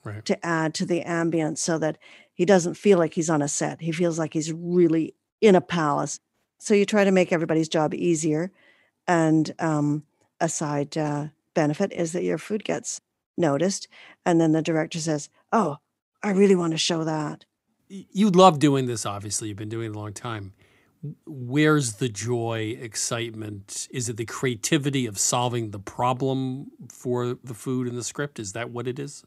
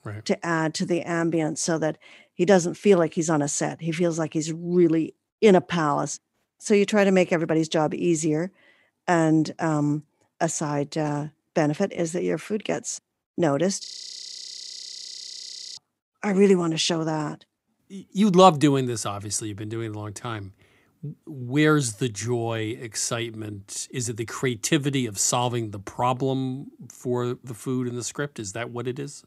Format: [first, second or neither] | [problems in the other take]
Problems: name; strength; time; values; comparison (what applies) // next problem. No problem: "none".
first | audio freezing; at 14 s for 2 s